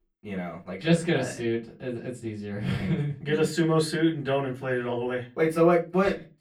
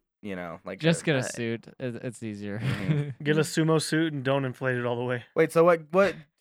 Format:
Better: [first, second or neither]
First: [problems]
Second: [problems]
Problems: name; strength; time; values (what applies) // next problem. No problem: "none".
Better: second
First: off-mic speech; far // room echo; very slight; dies away in 0.2 s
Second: none